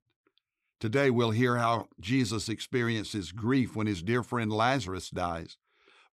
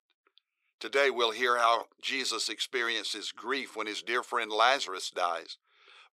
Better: first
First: none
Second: thin; very; fading below 450 Hz

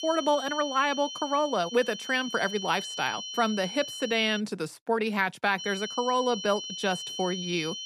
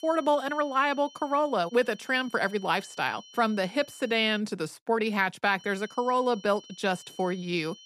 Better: second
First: high-pitched whine; loud; until 4.5 s and from 5.5 s on; 3 kHz, 8 dB below the speech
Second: high-pitched whine; faint; until 4.5 s and from 5.5 s on; 3 kHz, 20 dB below the speech

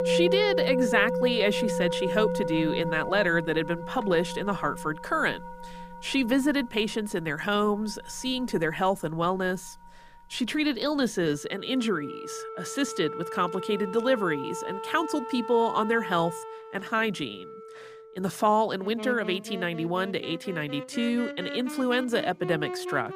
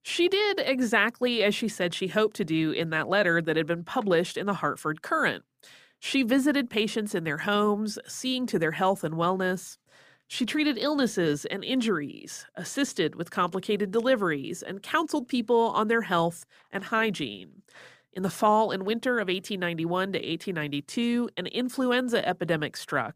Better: second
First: background music; loud; throughout; 7 dB below the speech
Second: none

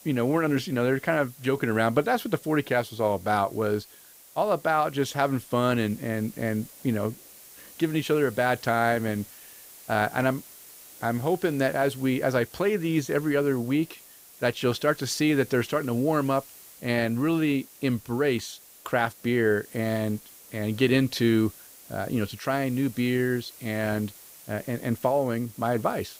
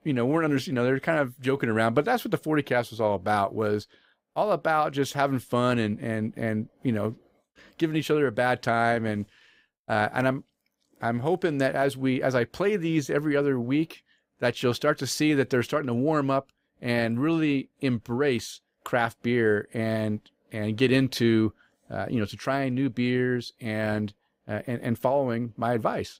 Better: second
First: hiss; noticeable; throughout; 20 dB below the speech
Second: none

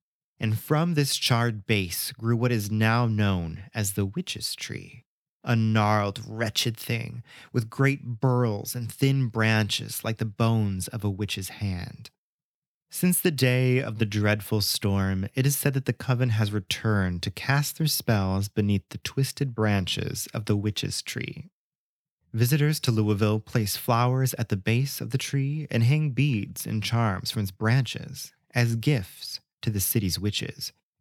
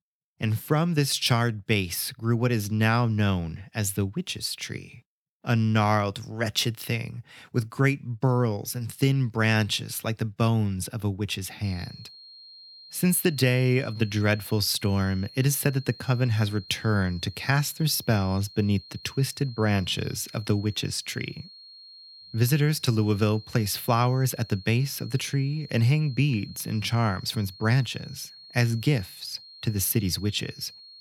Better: first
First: none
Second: high-pitched whine; noticeable; from 12 s on; 4.5 kHz, 20 dB below the speech

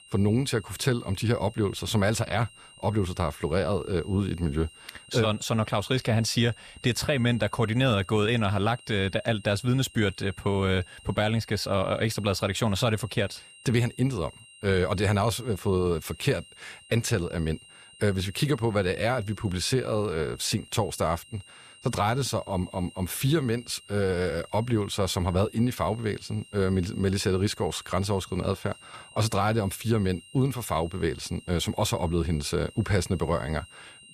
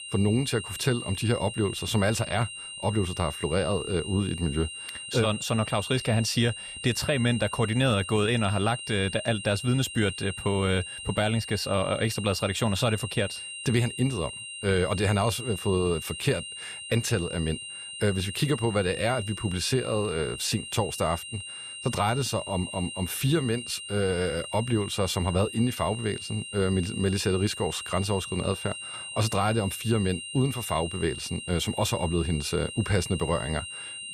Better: first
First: high-pitched whine; faint; throughout; 3 kHz, 20 dB below the speech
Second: high-pitched whine; loud; throughout; 3 kHz, 9 dB below the speech

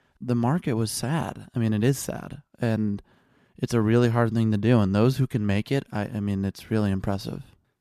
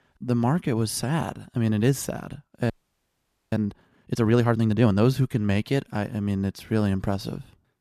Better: first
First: none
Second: audio freezing; at 2.5 s for 1 s

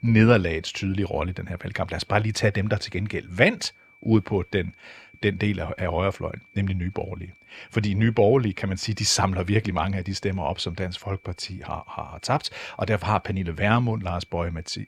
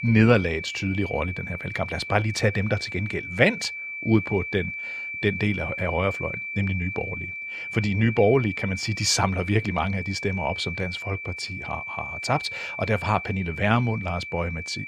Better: first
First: high-pitched whine; faint; throughout; 2.5 kHz, 30 dB below the speech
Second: high-pitched whine; loud; throughout; 2.5 kHz, 7 dB below the speech

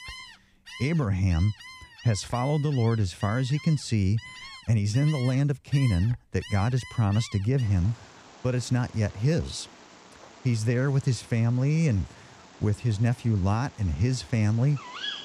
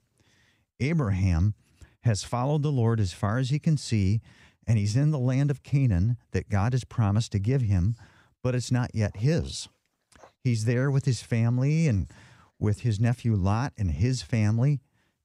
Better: second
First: animal sounds; noticeable; throughout; 20 dB below the speech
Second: none

